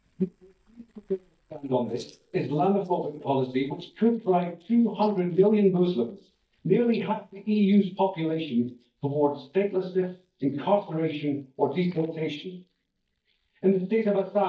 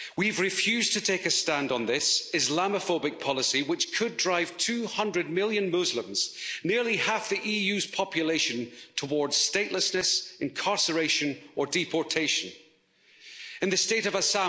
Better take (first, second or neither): second